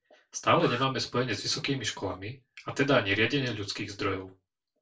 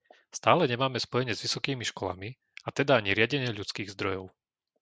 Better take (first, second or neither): second